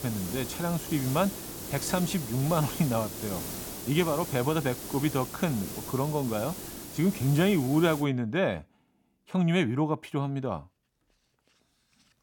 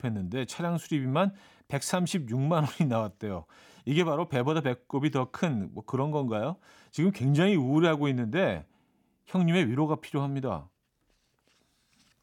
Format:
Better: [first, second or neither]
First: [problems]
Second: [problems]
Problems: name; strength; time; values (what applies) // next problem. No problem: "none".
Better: second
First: hiss; loud; until 8 s; 8 dB below the speech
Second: none